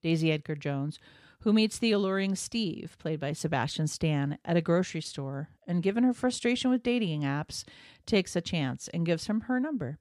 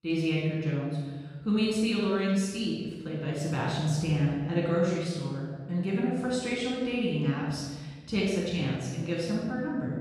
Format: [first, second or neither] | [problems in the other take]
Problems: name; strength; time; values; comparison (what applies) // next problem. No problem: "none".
first | off-mic speech; far // room echo; strong; dies away in 1.3 s